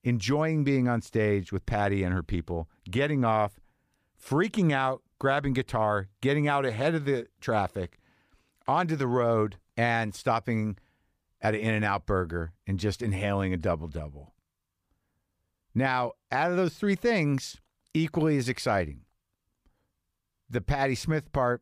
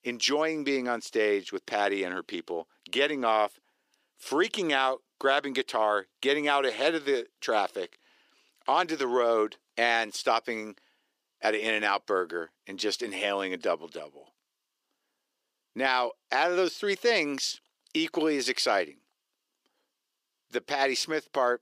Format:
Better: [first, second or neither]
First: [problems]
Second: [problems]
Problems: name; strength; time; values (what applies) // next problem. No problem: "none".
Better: first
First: none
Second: thin; somewhat; fading below 350 Hz